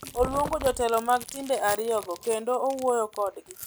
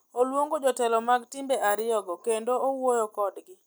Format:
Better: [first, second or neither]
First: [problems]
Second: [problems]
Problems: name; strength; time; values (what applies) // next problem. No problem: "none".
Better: second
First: background sound (Chewing, mastication); 13 dB below the speech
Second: none